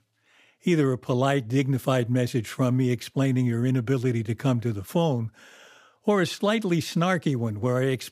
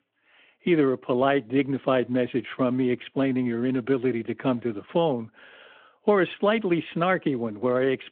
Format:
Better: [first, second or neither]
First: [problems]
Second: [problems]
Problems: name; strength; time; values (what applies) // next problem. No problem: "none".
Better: first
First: none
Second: phone-call audio